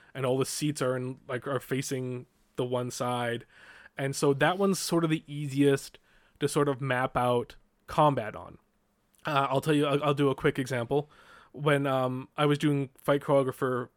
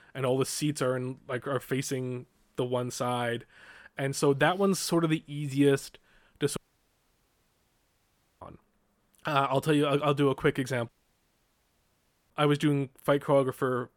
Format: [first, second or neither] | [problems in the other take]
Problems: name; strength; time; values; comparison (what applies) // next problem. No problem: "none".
first | audio cutting out; at 6.5 s for 2 s and at 11 s for 1.5 s